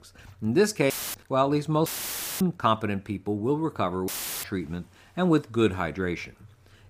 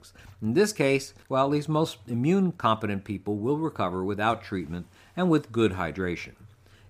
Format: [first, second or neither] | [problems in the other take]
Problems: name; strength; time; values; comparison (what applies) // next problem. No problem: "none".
second | audio cutting out; filled with static; at 1 s, at 2 s for 0.5 s and at 4 s